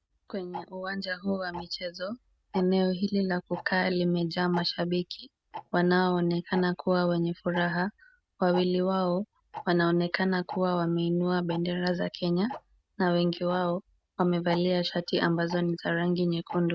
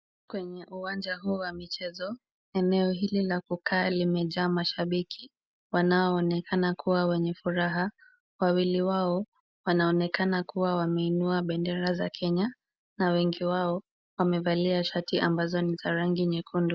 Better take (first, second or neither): second